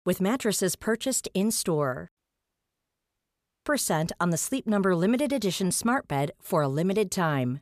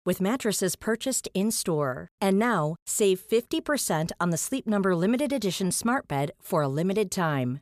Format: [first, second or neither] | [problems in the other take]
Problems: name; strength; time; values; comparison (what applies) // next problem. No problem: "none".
second | audio cutting out; at 2 s for 1.5 s